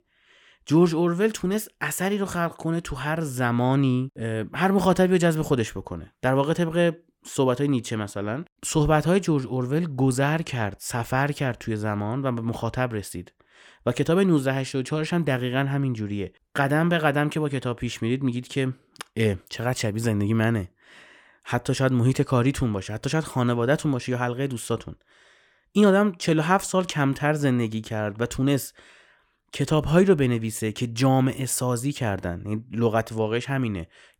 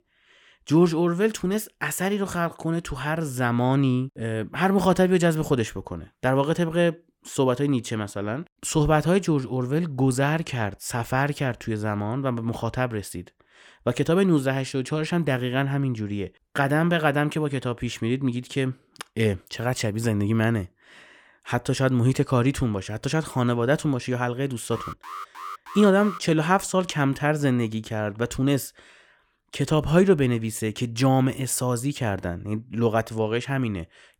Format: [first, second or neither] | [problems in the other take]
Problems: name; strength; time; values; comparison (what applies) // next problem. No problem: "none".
first | alarm; faint; from 25 to 26 s; peak 10 dB below the speech